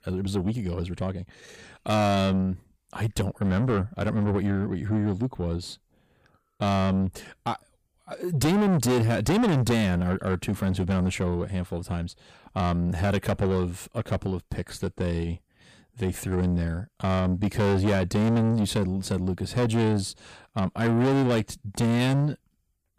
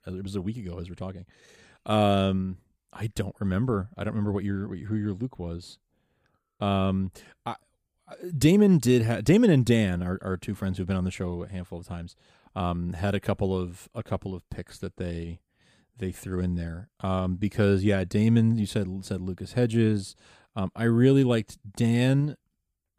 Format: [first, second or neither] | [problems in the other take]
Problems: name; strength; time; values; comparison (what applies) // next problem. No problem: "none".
second | distortion; heavy; 6 dB below the speech